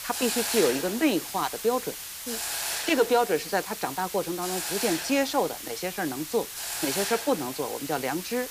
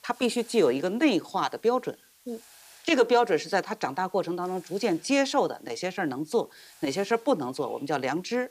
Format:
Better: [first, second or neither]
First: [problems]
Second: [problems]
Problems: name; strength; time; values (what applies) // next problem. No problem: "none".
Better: second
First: hiss; loud; throughout; 4 dB below the speech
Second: hiss; faint; throughout; 25 dB below the speech